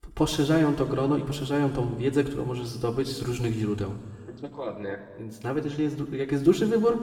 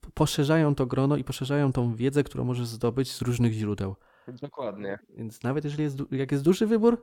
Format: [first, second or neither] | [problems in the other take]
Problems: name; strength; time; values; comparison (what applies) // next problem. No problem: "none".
second | room echo; noticeable; dies away in 1.8 s // off-mic speech; somewhat distant